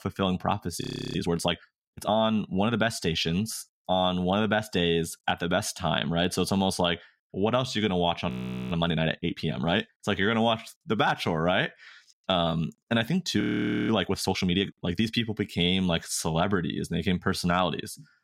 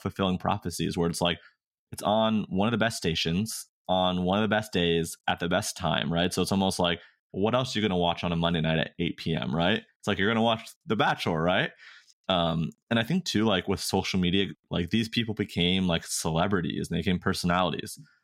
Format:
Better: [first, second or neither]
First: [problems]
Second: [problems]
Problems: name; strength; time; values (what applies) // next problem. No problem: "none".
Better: second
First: audio freezing; at 1 s, at 8.5 s and at 13 s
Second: none